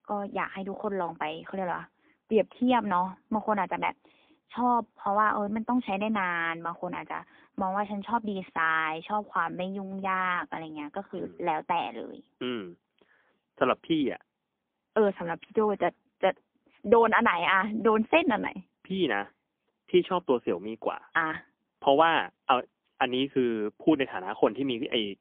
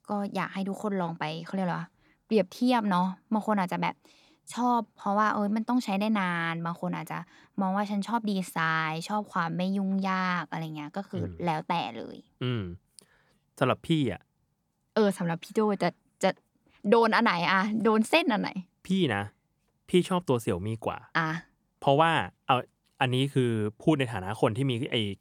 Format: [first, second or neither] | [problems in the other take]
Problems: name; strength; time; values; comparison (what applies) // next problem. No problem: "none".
second | phone-call audio; poor line; nothing above 3.5 kHz